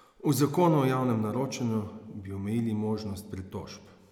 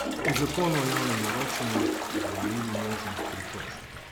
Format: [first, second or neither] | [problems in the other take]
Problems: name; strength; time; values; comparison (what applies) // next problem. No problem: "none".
first | background sound (Toilet flush); 1 dB above the speech